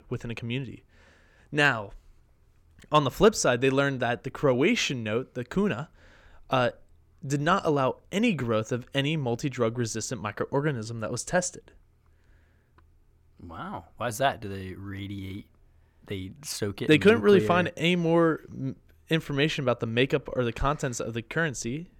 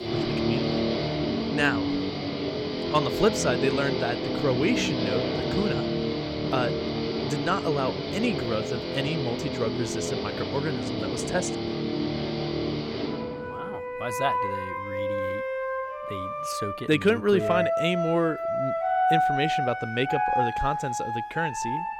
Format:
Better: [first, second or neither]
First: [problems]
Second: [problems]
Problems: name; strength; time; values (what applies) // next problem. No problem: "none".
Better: first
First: none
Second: background music; very loud; throughout; as loud as the speech